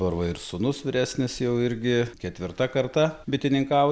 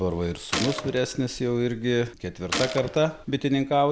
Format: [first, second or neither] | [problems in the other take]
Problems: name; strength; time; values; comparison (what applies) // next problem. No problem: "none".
first | background sound (Gunshot, gunfire); 9 dB below the speech